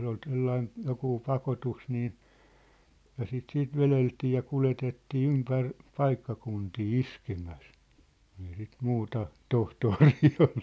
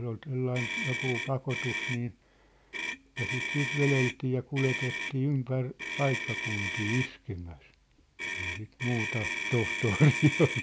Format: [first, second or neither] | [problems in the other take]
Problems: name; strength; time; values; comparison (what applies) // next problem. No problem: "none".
first | background sound (Motor vehicle (road)); 5 dB below the speech